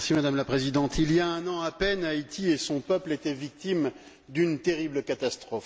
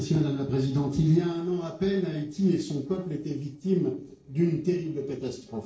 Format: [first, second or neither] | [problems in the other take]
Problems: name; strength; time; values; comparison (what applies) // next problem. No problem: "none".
first | noise reduction (neural separator model SepFormer DNS4)